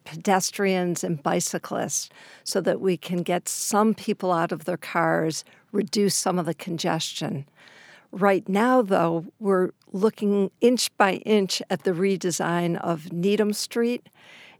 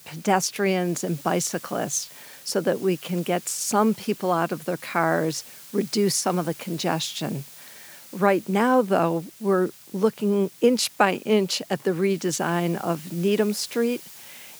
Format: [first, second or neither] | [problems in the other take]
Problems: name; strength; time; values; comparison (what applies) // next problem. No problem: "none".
first | hiss; noticeable; throughout; 20 dB below the speech